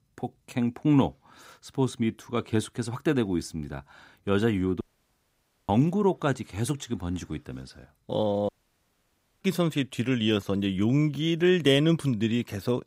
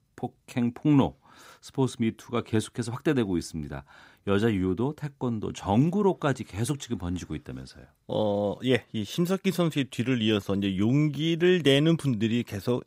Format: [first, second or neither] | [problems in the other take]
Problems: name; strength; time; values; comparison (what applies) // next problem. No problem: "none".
second | audio cutting out; at 5 s for 1 s and at 8.5 s for 1 s